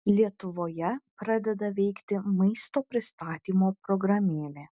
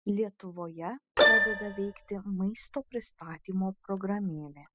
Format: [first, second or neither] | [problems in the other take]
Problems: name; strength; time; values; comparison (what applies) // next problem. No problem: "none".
first | noise reduction (classical method spectral subtraction)